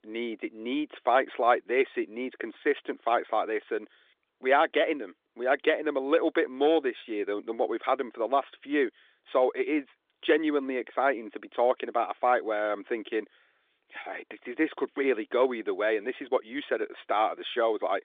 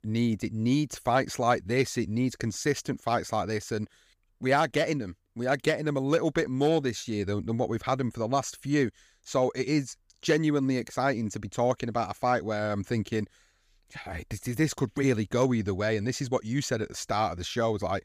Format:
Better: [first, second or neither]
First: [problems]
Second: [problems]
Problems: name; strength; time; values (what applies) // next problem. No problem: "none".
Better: second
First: phone-call audio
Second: none